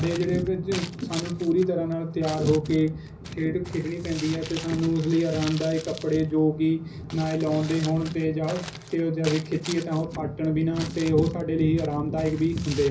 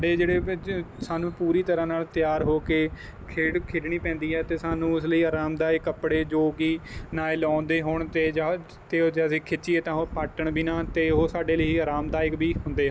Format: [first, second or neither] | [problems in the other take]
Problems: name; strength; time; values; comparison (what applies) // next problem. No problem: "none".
second | background sound (Crumpling, crinkling); 16 dB below the speech // room echo; dies away in 0.5 s